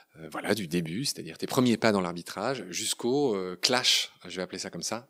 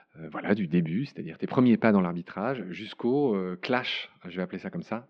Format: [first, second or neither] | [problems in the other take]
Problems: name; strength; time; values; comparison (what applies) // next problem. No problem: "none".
first | muffled; very; fading above 2.5 kHz